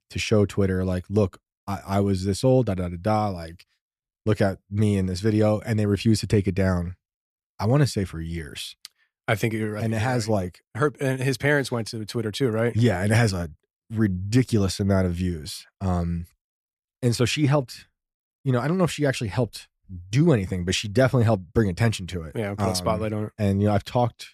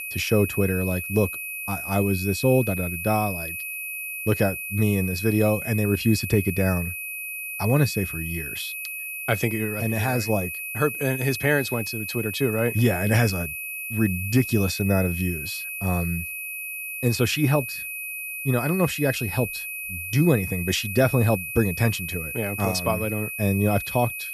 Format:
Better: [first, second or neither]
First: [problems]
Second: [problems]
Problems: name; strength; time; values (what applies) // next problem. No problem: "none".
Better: first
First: none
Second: high-pitched whine; loud; throughout; 2.5 kHz, 6 dB below the speech